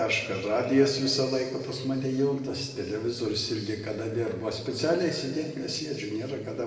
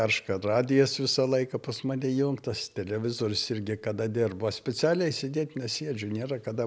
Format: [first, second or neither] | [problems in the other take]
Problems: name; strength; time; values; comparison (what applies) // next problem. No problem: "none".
second | room echo; dies away in 2 s